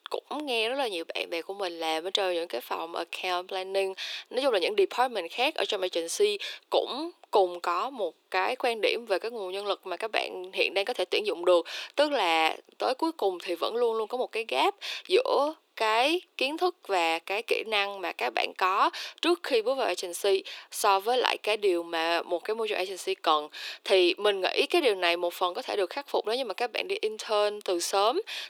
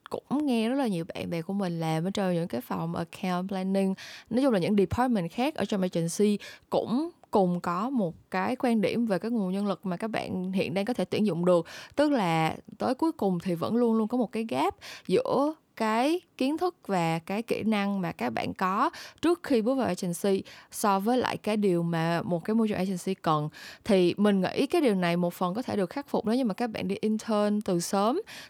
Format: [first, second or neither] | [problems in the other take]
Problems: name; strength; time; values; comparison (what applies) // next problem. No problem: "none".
second | thin; very; fading below 350 Hz